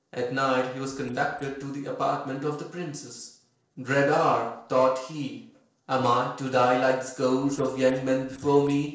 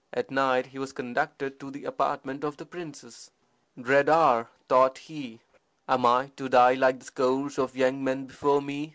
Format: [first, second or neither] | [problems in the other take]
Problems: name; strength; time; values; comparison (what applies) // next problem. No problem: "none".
second | noise reduction (neural separator model SepFormer DNS4)